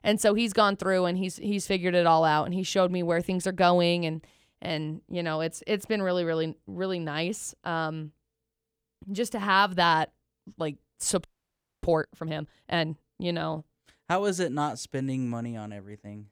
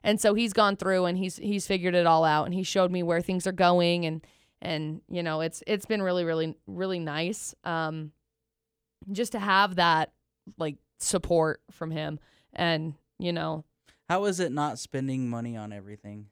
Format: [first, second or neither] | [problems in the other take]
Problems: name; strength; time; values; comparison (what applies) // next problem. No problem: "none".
second | audio freezing; at 11 s for 0.5 s